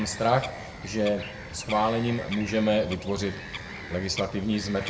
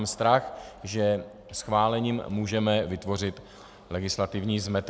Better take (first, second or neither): second